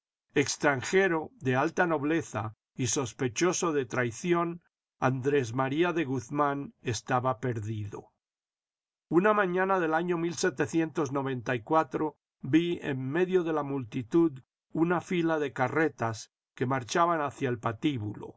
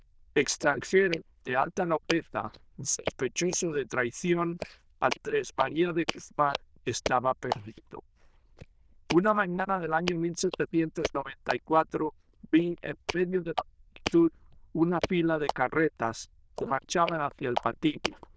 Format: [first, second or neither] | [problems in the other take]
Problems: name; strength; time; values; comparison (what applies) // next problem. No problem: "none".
first | noise reduction (neural diffusion model UNIVERSE++)